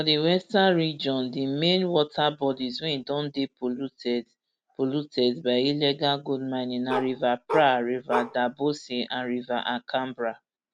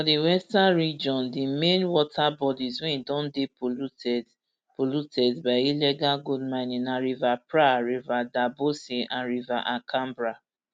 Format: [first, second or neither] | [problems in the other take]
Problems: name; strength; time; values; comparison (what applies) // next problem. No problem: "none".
second | background sound (Bark); 6 dB below the speech